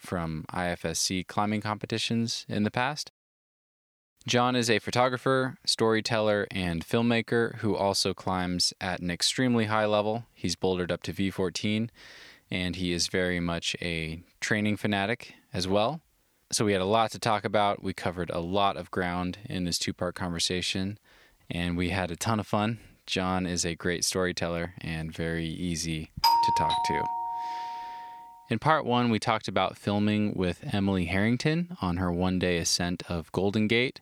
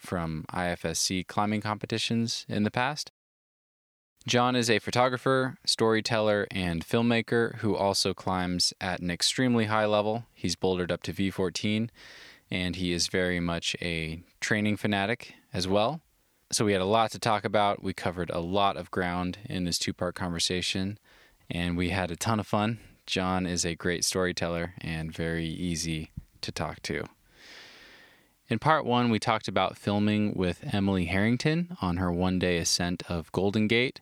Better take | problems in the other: second | doorbell; loud; from 26 to 28 s; peak 6 dB above the speech

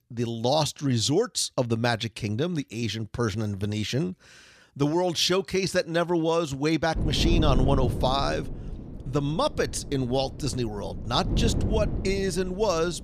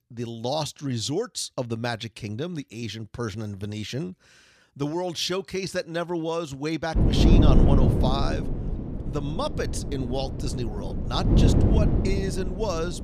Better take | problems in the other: first | wind noise on the microphone; heavy; from 7 s on; 2 dB below the speech; occasional gusts in the first

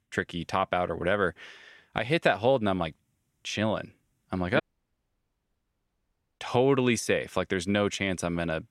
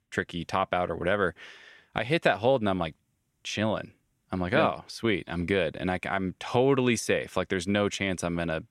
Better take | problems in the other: second | audio cutting out; at 4.5 s for 2 s

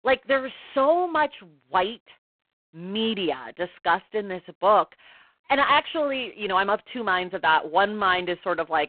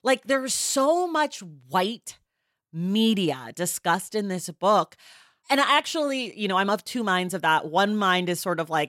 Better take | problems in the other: second | phone-call audio; poor line

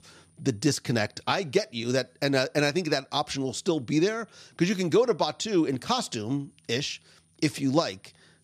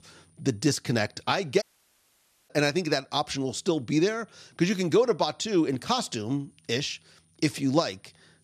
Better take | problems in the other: first | audio cutting out; at 1.5 s for 1 s

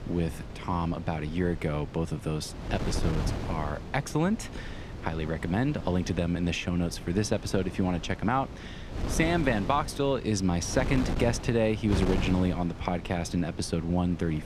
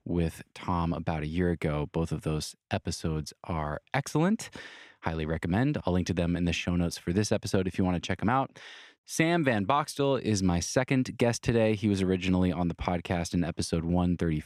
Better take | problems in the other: second | wind noise on the microphone; occasional gusts; 10 dB below the speech

